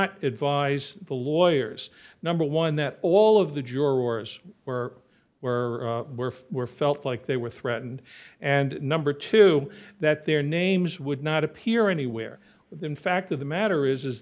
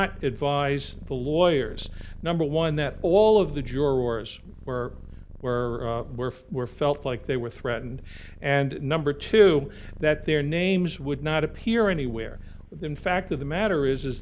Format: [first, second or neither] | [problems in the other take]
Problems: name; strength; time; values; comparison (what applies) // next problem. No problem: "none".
first | background sound (Purr); 14 dB below the speech